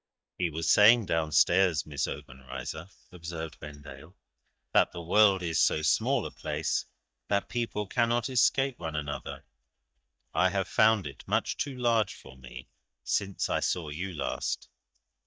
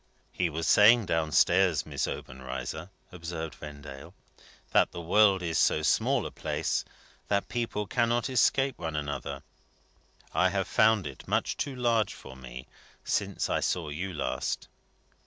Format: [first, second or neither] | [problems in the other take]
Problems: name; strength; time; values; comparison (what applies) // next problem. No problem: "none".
second | noise reduction (neural mask model DeepFilterNet 3)